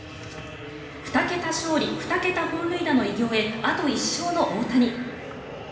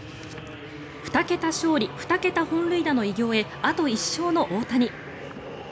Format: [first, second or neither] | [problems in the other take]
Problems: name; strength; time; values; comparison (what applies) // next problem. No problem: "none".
second | room echo; dies away in 1 s